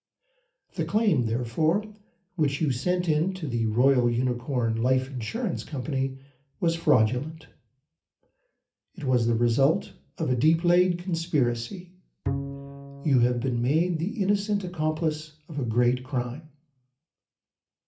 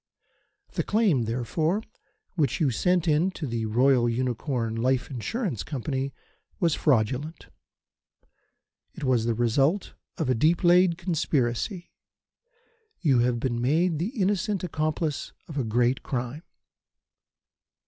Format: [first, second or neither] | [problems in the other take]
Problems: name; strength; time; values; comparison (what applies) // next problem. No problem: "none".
second | background sound (Bowed string instrument); 10 dB below the speech // room echo; dies away in 0.3 s